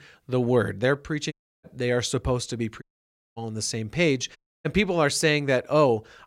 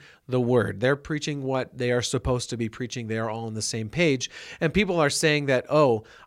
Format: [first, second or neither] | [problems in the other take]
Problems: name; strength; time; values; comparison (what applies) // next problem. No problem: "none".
second | audio cutting out; at 1.5 s, at 3 s for 0.5 s and at 4.5 s